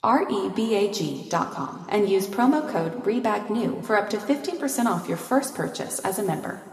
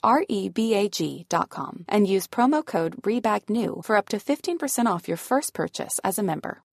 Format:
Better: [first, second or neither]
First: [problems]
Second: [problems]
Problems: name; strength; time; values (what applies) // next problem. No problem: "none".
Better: second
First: room echo; slight; dies away in 1.9 s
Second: none